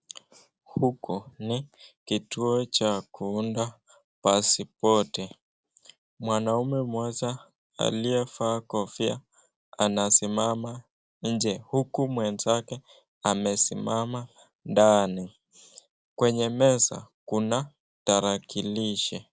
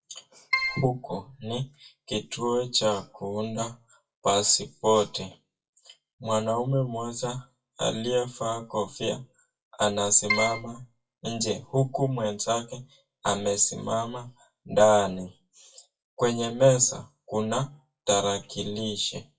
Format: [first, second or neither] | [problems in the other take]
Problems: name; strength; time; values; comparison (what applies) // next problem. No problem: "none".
first | noise reduction (classical method WPE with log-MMSE)